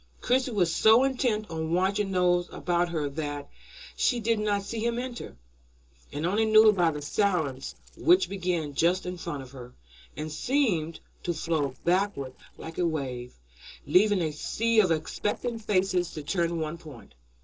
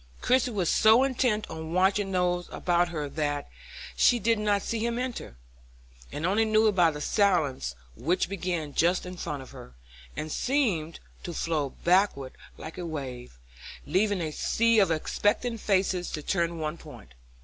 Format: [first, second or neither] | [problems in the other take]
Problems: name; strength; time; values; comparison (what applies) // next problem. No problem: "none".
second | noise reduction (neural separator model SepFormer DNS4)